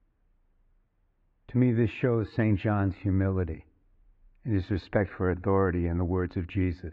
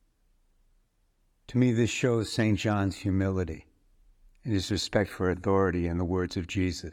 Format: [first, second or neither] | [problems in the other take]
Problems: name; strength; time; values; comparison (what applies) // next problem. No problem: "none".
second | muffled; very; fading above 2 kHz